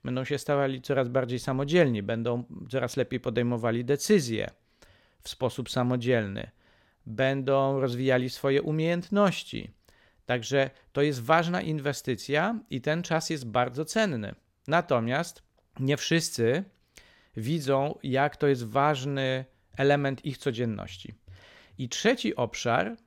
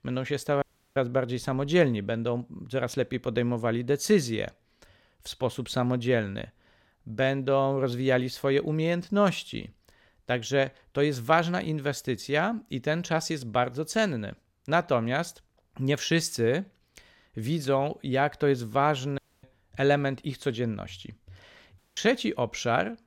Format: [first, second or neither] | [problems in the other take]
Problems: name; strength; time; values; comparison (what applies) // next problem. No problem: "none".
first | audio cutting out; at 0.5 s, at 19 s and at 22 s